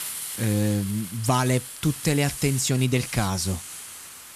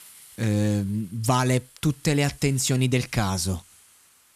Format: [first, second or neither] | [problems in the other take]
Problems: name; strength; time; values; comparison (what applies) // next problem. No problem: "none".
second | hiss; loud; throughout; 10 dB below the speech; faint in the second